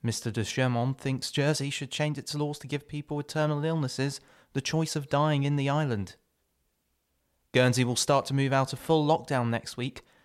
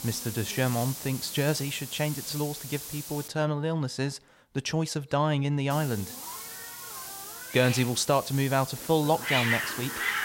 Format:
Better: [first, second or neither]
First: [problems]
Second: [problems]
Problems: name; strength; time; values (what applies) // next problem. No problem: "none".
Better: first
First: none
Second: hiss; loud; until 3.5 s and from 5.5 s on; 6 dB below the speech